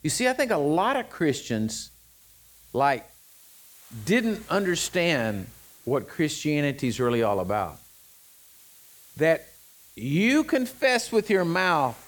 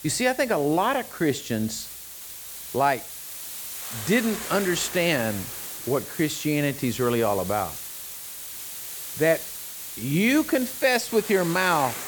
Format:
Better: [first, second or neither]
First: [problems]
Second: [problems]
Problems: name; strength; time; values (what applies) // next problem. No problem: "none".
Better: first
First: hiss; faint; throughout; 25 dB below the speech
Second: hiss; loud; throughout; 9 dB below the speech